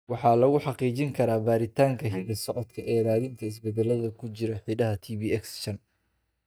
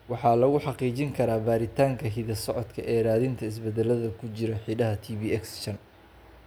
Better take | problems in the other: second | noise reduction (neural mask model DeepFilterNet 3)

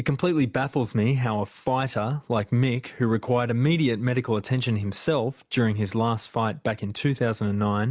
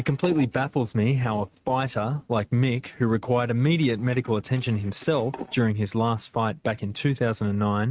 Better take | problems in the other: first | noise reduction (neural mask model RNNoise)

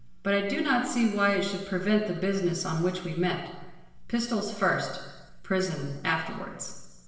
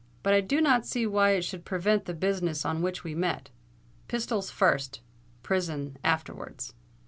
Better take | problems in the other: second | room echo; dies away in 1.1 s

